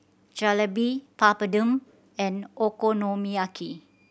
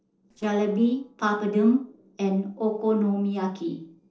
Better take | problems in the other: first | noise reduction (neural separator model SepFormer DNS4)

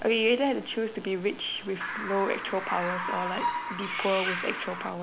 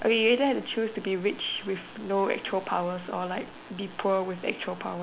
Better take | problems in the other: second | background sound (Bird); 4 dB below the speech

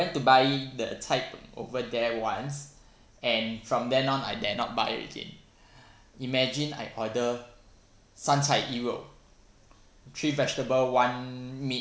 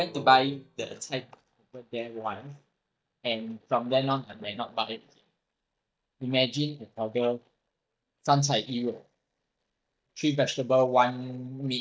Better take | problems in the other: first | noise reduction (neural mask model DeepFilterNet 3)

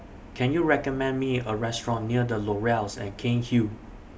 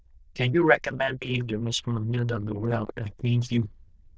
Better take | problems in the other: first | noise reduction (neural diffusion model UNIVERSE++)

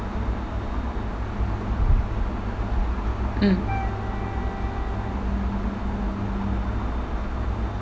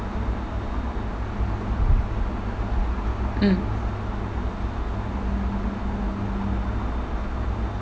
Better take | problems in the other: second | background sound (Wind instrument, woodwind instrument); 15 dB below the speech

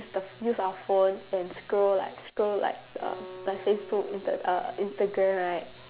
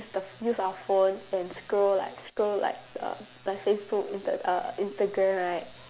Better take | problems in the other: second | background sound (Acoustic guitar); 20 dB below the speech

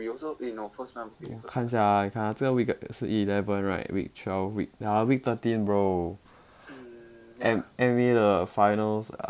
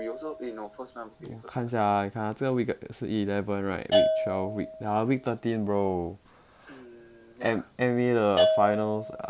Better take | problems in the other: first | background sound (Bell / Percussion); 3 dB below the speech

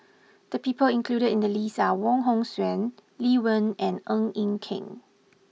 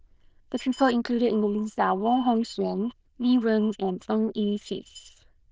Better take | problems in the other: first | noise reduction (neural diffusion model UNIVERSE++)

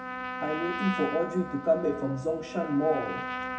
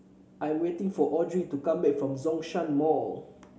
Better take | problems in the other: second | background sound (Trumpet); 7 dB below the speech // room echo; dies away in 0.4 s

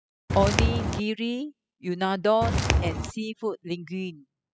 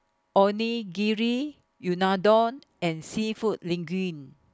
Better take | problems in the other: second | noise reduction (classical method spectral subtraction)

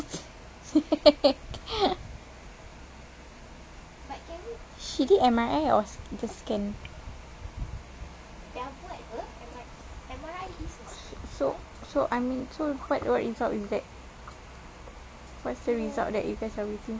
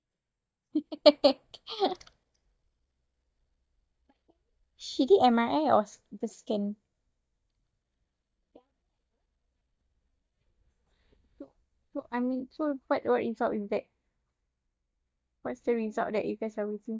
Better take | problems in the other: first | noise reduction (neural mask model DeepFilterNet 3)

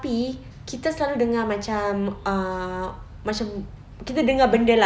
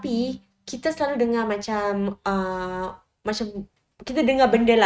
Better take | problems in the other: first | noise reduction (neural mask model RNNoise)

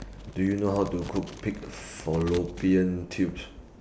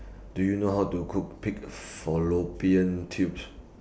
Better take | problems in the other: second | background sound (Crumpling, crinkling); 18 dB below the speech

